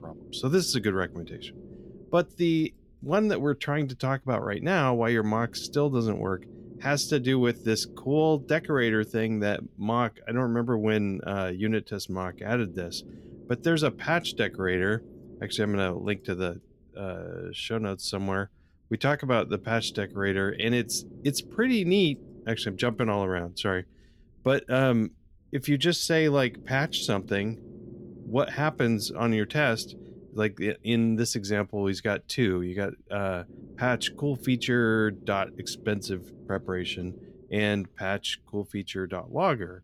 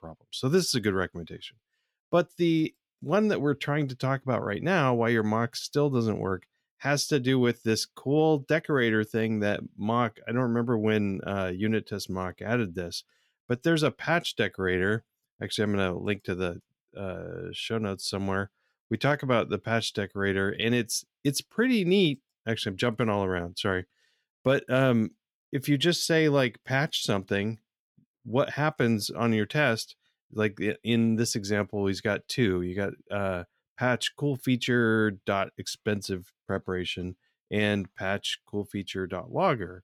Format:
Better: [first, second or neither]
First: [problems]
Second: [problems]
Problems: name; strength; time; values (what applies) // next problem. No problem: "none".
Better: second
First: low rumble; faint; throughout; 25 dB below the speech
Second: none